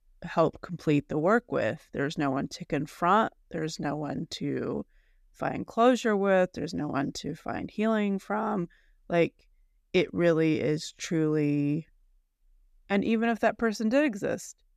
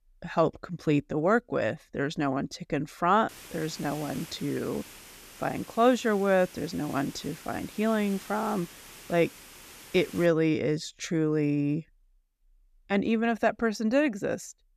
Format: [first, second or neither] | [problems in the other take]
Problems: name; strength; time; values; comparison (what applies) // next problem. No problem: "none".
first | hiss; noticeable; from 3.5 to 10 s; 15 dB below the speech